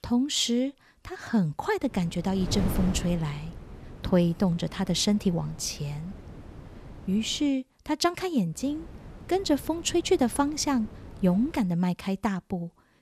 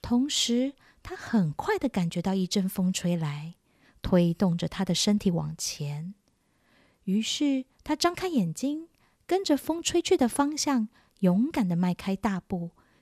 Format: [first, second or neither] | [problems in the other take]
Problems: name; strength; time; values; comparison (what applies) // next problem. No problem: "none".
second | wind noise on the microphone; occasional gusts; from 2 to 7.5 s and from 8.5 to 12 s; 15 dB below the speech